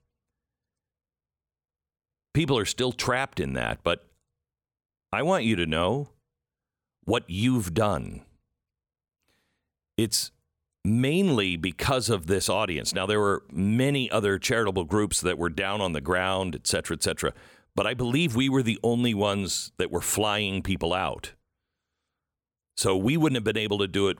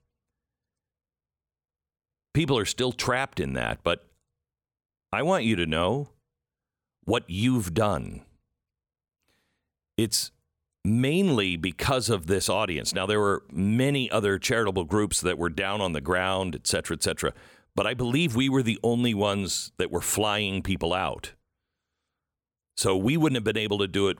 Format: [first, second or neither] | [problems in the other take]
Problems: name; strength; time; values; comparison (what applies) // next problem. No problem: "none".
neither | none